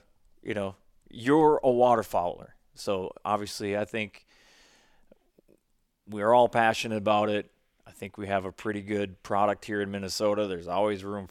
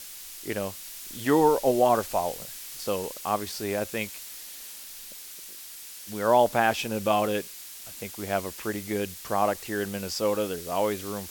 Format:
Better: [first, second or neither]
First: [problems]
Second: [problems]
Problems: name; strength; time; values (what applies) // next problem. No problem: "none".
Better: first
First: none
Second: hiss; noticeable; throughout; 10 dB below the speech